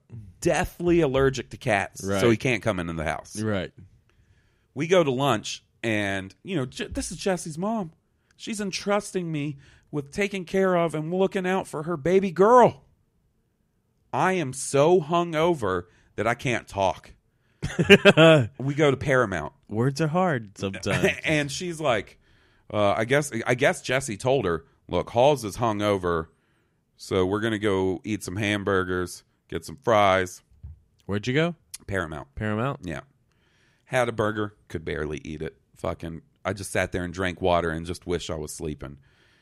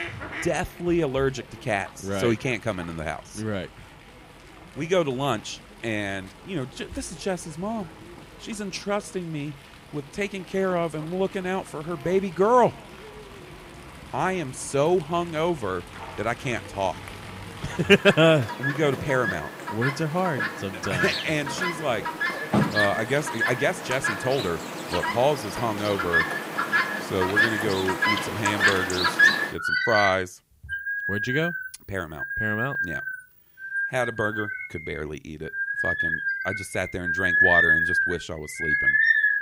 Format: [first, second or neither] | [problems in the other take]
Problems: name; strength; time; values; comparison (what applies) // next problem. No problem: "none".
first | animal sounds; very loud; throughout; 2 dB above the speech